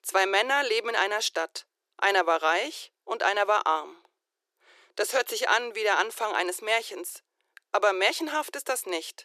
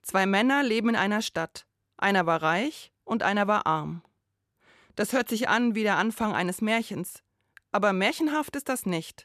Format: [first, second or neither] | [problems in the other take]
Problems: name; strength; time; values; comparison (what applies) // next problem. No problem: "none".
second | thin; very; fading below 350 Hz